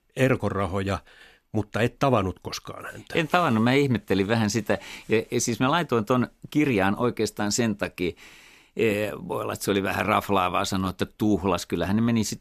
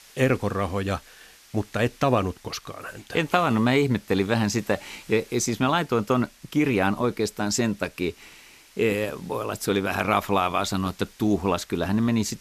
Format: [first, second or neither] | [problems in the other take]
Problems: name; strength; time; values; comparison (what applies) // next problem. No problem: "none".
first | hiss; faint; throughout; 25 dB below the speech